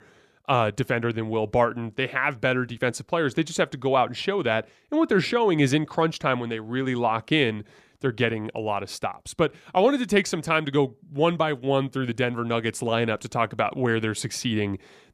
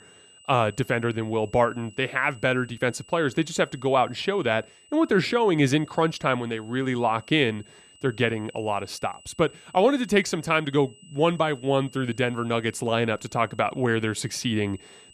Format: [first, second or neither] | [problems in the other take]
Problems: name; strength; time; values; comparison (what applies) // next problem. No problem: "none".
first | high-pitched whine; faint; throughout; 3 kHz, 25 dB below the speech